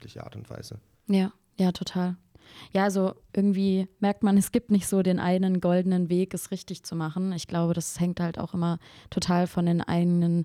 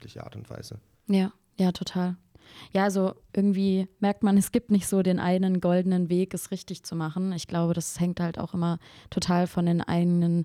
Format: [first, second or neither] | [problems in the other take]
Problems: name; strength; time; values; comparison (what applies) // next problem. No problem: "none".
neither | none